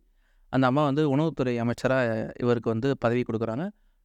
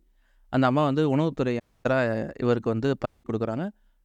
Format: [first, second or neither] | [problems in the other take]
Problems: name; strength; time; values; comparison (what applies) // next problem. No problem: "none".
first | audio cutting out; at 1.5 s and at 3 s